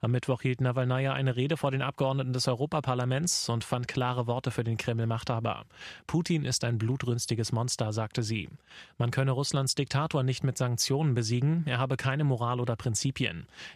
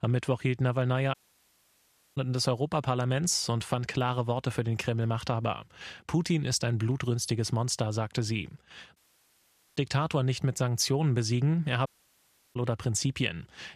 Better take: first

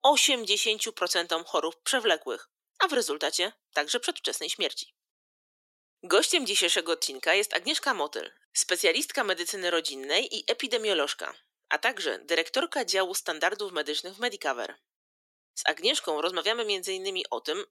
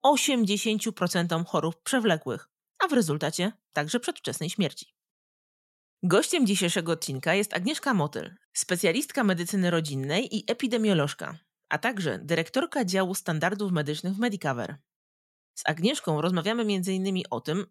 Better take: second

